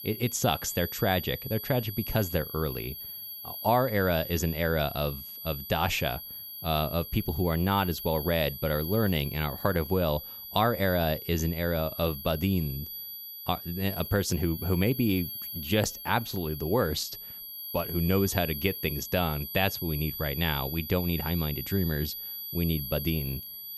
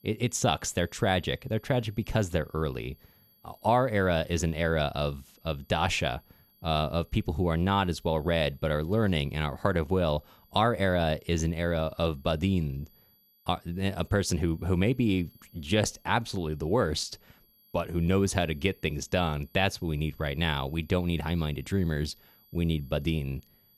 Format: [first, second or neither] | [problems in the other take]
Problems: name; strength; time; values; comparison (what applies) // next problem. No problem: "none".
second | high-pitched whine; loud; throughout; 12 kHz, 8 dB below the speech; faint in the second